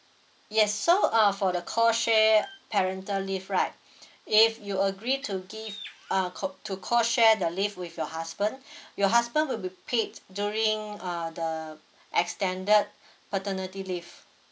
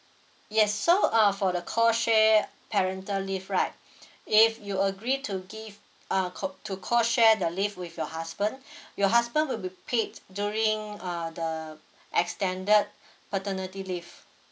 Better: second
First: background sound (Bird); 18 dB below the speech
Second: none

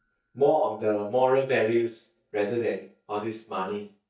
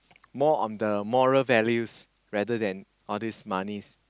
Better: second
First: noise reduction (neural mask model DeepFilterNet 3)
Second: none

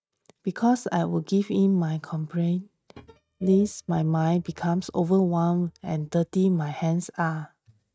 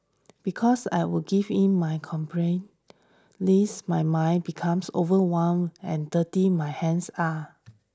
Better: second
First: noise reduction (neural mask model RNNoise)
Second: none

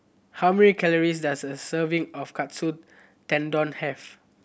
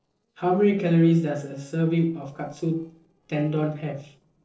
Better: first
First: none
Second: noise reduction (neural separator model SepFormer DNS4)

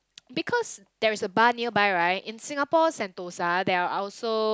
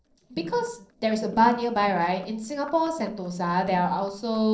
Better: first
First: none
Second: noise reduction (neural separator model SepFormer DNS4)

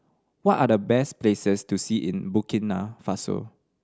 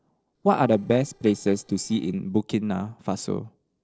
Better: first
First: none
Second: noise reduction (neural separator model SepFormer DNS4)

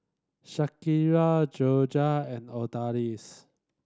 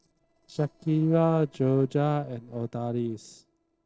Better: first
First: none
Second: noise reduction (neural separator model SepFormer DNS4)

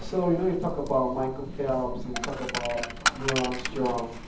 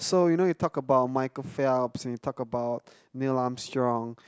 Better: second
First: background sound (Coin (dropping)); 5 dB below the speech // room echo; dies away in 0.7 s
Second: none

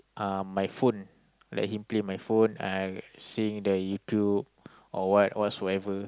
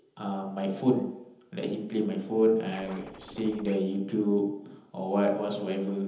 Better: first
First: none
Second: background sound (Scratching (performance technique)); 18 dB below the speech // room echo; dies away in 0.9 s

